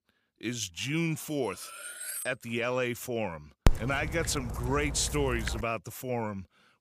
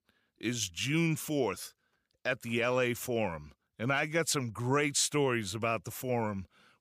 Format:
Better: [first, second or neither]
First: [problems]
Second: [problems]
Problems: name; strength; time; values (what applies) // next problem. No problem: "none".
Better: second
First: clattering dishes; noticeable; at 1.5 s; peak 4 dB below the speech // dog barking; loud; from 3.5 to 5.5 s; peak 3 dB above the speech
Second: none